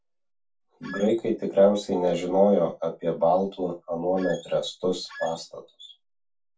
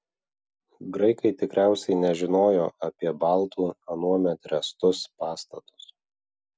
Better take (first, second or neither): second